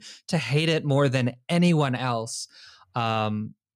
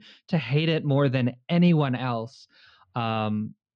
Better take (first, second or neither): first